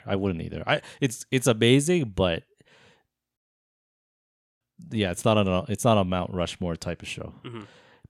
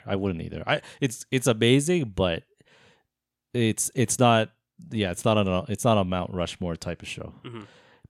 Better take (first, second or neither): second